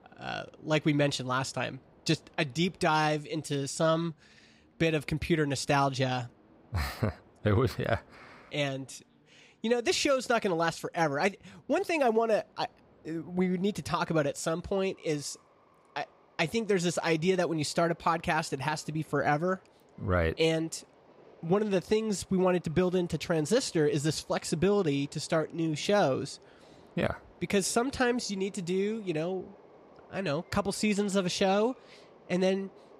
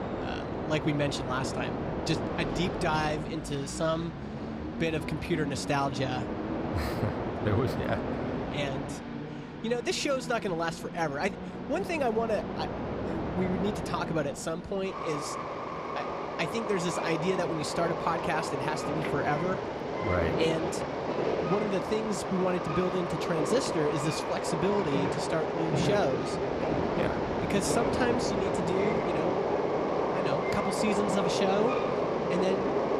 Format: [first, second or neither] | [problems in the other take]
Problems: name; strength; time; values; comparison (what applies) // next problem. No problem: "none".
first | train or aircraft noise; loud; throughout; as loud as the speech; faint in the first